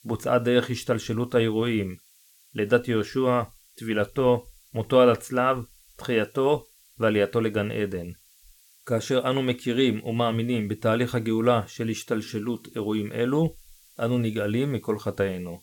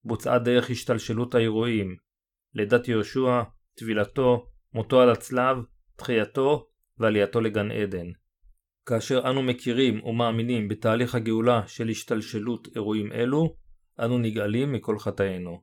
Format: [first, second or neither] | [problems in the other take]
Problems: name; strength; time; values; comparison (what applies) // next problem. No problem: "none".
second | hiss; faint; throughout; 30 dB below the speech